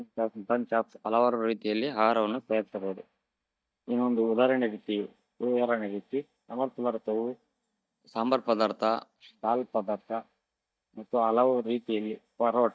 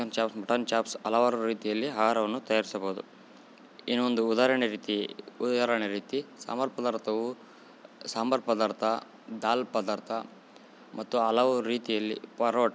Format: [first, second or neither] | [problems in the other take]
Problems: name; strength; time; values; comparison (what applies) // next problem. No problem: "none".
second | noise reduction (neural mask model DeepFilterNet 3)